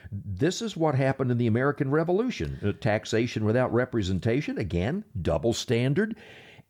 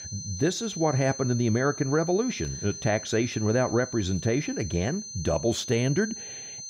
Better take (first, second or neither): first